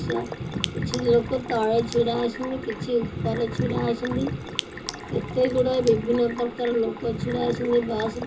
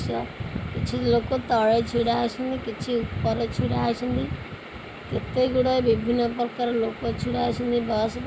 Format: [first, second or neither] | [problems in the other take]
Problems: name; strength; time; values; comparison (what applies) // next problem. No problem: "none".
second | background sound (Sink (filling or washing)); 14 dB below the speech // room echo; dies away in 0.2 s